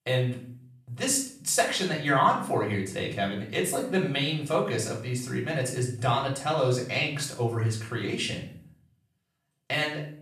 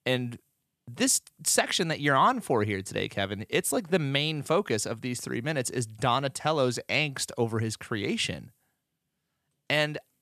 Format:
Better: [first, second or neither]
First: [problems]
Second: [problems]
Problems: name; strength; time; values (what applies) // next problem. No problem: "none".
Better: second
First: off-mic speech; far // room echo; slight; dies away in 0.5 s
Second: none